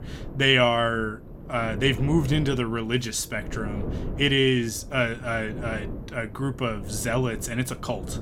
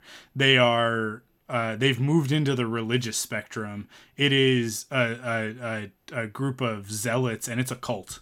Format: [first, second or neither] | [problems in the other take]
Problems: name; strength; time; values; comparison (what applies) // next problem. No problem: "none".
second | wind noise on the microphone; occasional gusts; 15 dB below the speech